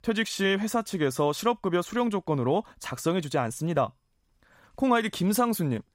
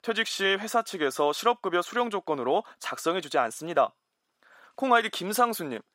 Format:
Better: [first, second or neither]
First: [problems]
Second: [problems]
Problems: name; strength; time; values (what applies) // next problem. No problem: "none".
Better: first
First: none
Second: thin; somewhat; fading below 400 Hz